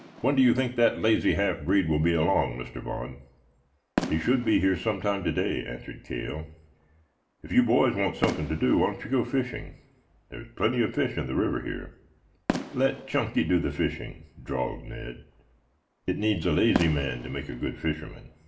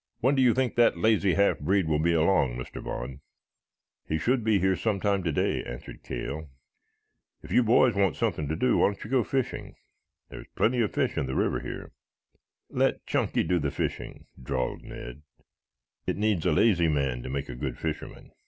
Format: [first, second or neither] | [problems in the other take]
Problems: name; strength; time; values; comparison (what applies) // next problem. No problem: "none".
second | background sound (Fireworks); 13 dB below the speech // room echo; dies away in 0.5 s